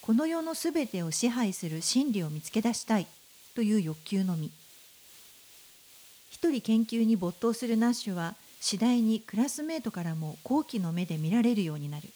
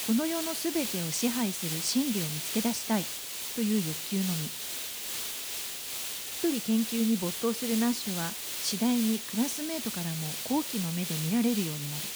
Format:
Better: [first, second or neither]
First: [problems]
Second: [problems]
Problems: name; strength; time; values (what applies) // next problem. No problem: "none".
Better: first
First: hiss; faint; throughout; 20 dB below the speech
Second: hiss; loud; throughout; 2 dB below the speech